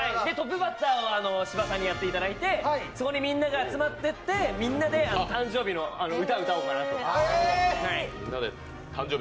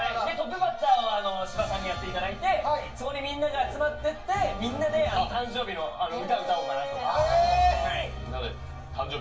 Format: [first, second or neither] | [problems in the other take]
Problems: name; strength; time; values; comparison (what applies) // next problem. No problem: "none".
first | room echo; dies away in 0.2 s